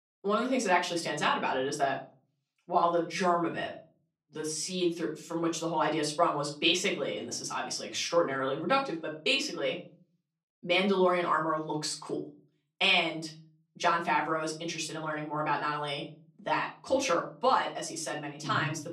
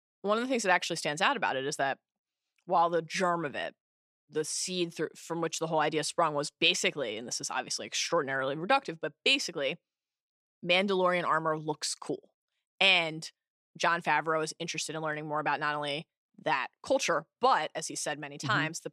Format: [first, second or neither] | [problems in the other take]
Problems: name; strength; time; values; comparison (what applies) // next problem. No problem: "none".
second | off-mic speech; far // room echo; very slight; dies away in 0.4 s